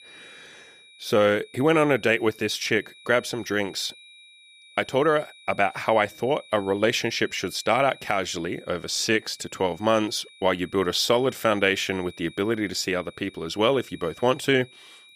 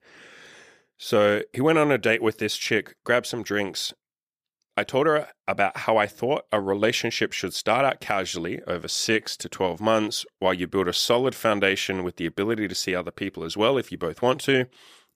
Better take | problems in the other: second | high-pitched whine; faint; throughout; 2.5 kHz, 25 dB below the speech

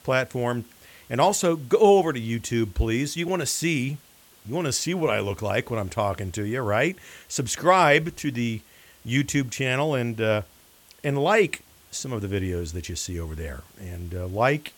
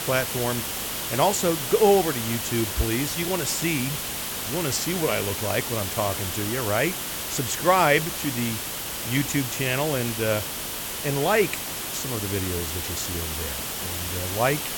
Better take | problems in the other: first | hiss; loud; throughout; 3 dB below the speech; faint in the first

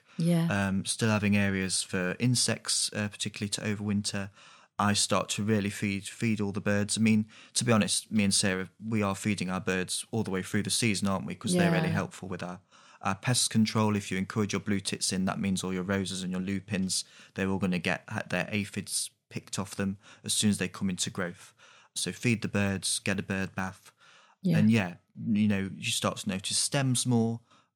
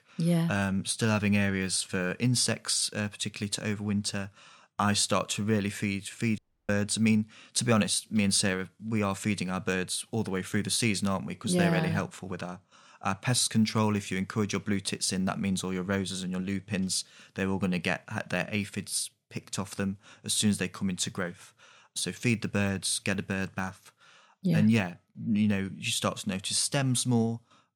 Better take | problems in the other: first | audio cutting out; at 6.5 s

